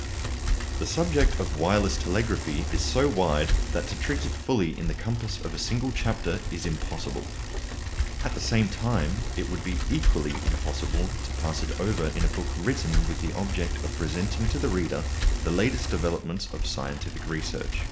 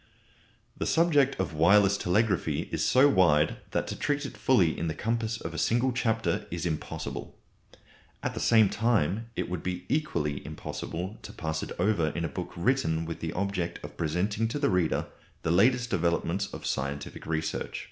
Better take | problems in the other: second | background sound (Bicycle); 1 dB above the speech

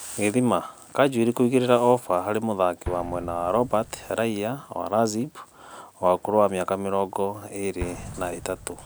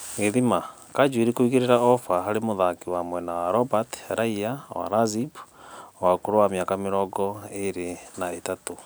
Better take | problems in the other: second | background sound (Explosion); 19 dB below the speech

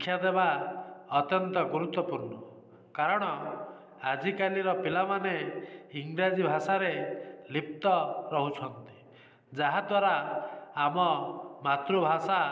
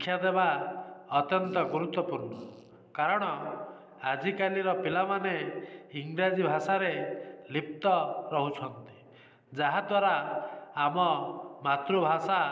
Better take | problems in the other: first | background sound (Fart); 20 dB below the speech

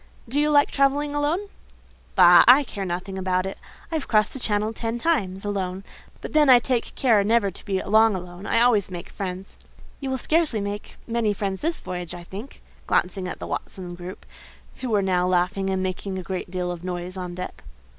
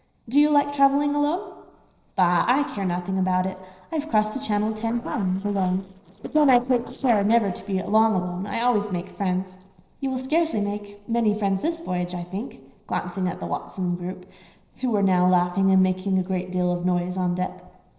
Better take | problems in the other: first | noise reduction (neural separator model SepFormer DNS4)

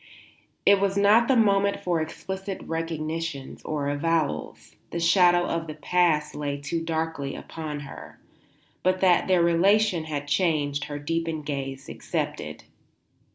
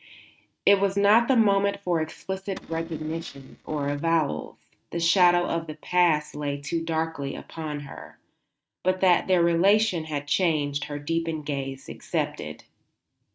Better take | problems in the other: first | noise reduction (neural mask model RNNoise)

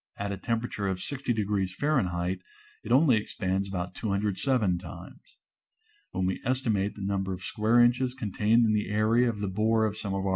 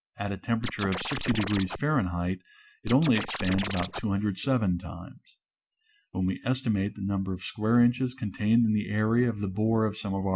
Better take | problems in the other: first | background sound (Scratching (performance technique)); 7 dB below the speech

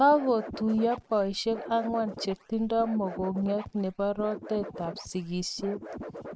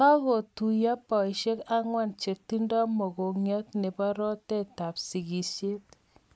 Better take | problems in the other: second | noise reduction (neural mask model RNNoise)

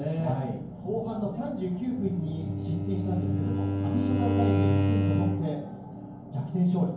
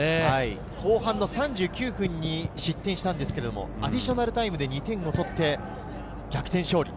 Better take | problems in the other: second | background sound (Bowed string instrument); as loud as the speech // room echo; dies away in 0.9 s

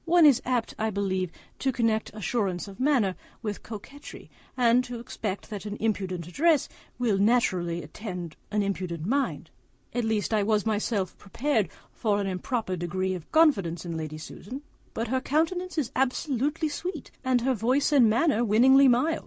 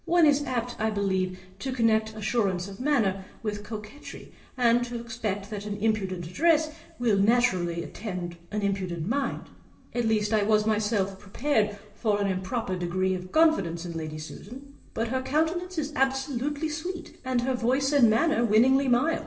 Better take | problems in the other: first | room echo; dies away in 1.3 s

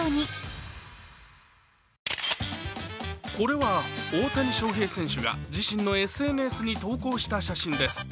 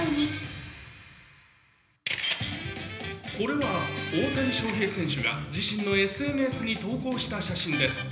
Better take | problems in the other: first | room echo; dies away in 0.8 s

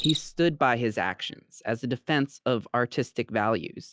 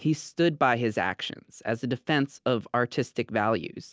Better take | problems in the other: second | noise reduction (classical method log-MMSE)

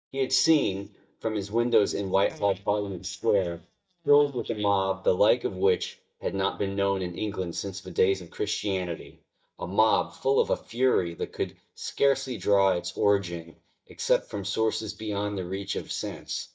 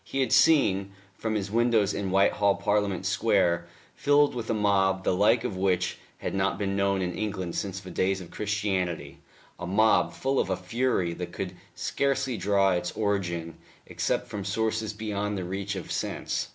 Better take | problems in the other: second | noise reduction (neural mask model DeepFilterNet 3)

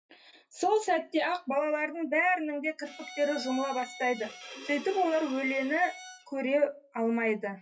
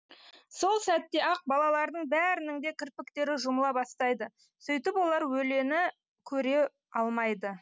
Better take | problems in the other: second | noise reduction (classical method WPE with log-MMSE)

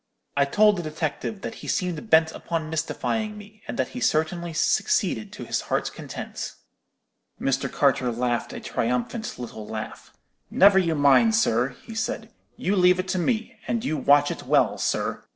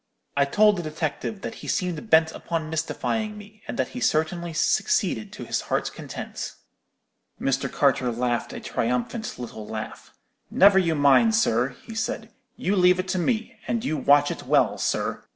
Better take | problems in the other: second | noise reduction (neural separator model SepFormer DNS4)

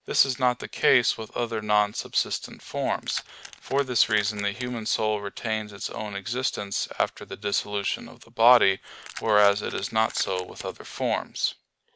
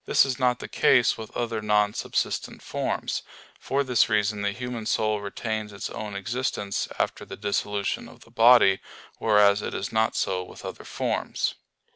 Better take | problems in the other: second | background sound (Keys jangling); 19 dB below the speech

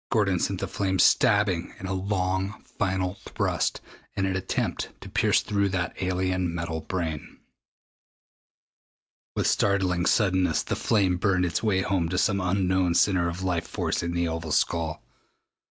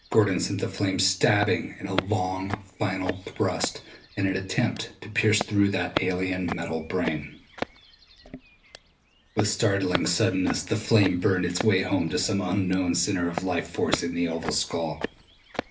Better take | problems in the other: first | background sound (Walk, footsteps); 11 dB below the speech // room echo; dies away in 0.3 s

